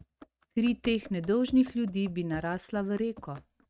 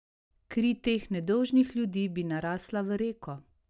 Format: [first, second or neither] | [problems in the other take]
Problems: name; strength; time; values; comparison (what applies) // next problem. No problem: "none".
second | noise reduction (neural mask model RNNoise)